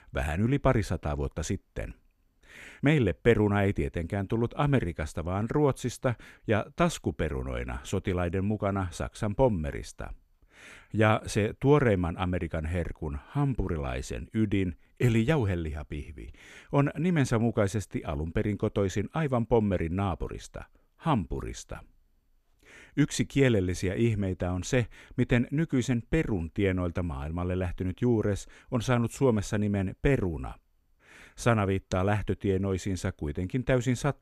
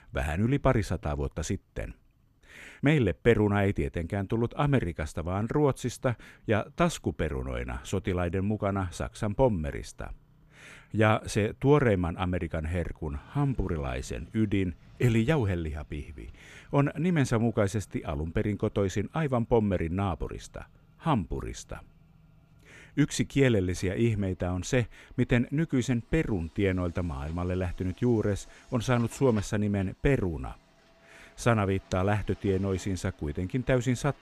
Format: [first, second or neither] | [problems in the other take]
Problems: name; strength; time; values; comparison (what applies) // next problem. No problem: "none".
first | traffic noise; faint; throughout; 30 dB below the speech